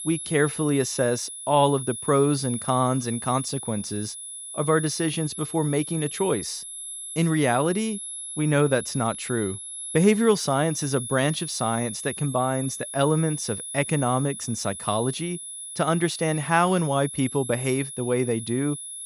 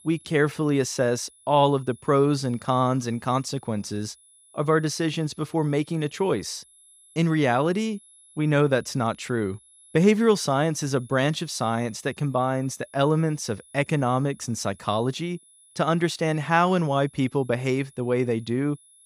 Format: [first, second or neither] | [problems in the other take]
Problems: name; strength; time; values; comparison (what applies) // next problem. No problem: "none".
second | high-pitched whine; loud; throughout; 10.5 kHz, 8 dB below the speech; faint in the second